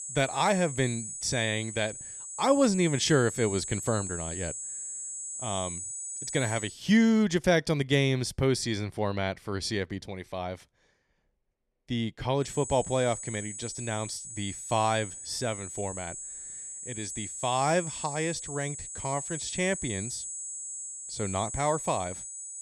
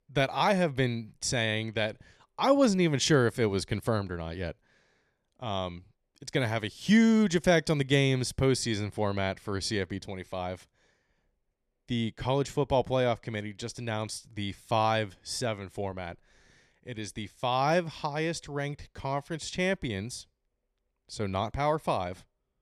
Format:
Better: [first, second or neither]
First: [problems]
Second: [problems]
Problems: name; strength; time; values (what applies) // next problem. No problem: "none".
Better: second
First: high-pitched whine; loud; until 6.5 s and from 12 s on; 7.5 kHz, 7 dB below the speech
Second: none